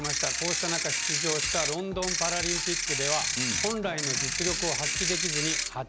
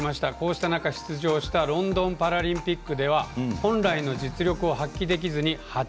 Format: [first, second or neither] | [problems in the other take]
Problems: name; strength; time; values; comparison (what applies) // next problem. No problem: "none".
second | background sound (Ratchet, pawl / Percussion); 3 dB above the speech